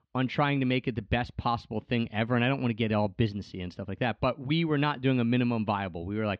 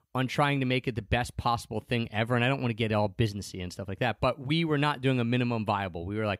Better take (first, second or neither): second